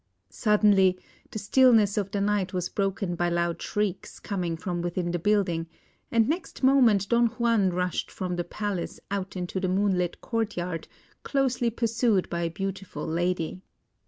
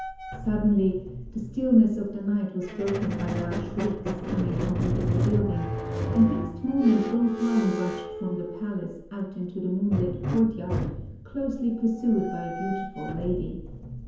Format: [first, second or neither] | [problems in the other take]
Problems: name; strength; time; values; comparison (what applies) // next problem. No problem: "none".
first | background sound (Squeak); 5 dB below the speech // room echo; dies away in 0.9 s